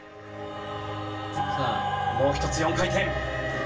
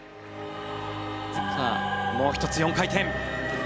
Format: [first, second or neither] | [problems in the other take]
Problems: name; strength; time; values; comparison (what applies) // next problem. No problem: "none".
second | background sound (Trumpet); 18 dB below the speech // room echo; dies away in 0.3 s